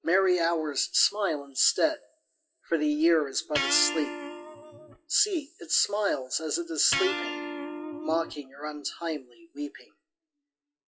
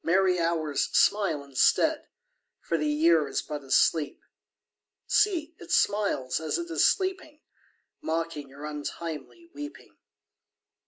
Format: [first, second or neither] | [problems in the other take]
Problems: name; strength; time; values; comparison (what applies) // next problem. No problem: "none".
second | noise reduction (classical method WPE with log-MMSE)